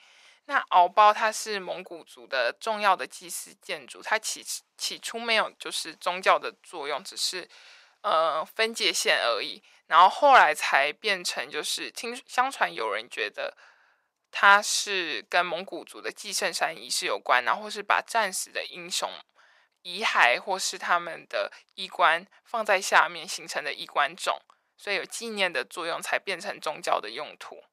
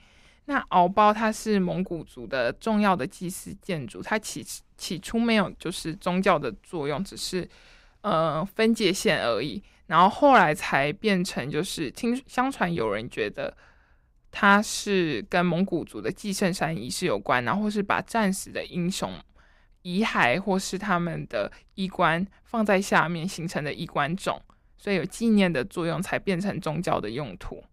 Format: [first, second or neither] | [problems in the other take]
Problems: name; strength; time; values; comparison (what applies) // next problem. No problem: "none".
second | thin; very; fading below 750 Hz